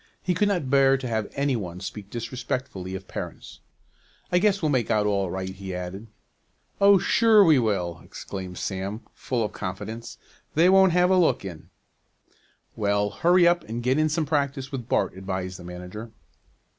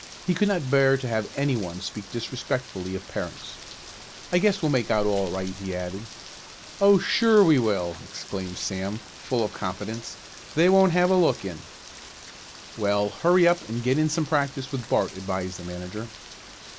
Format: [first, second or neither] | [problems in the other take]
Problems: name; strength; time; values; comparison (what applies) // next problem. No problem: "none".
first | background sound (Rain); 16 dB below the speech